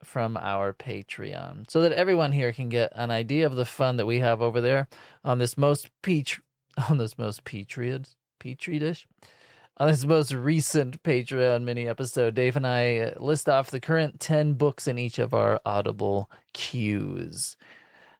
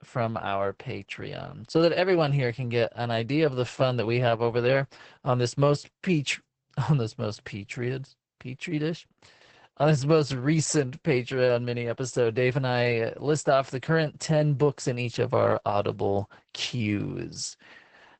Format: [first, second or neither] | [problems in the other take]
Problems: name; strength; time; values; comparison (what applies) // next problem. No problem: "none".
first | garbled, watery; badly; nothing above 8 kHz; slightly in the first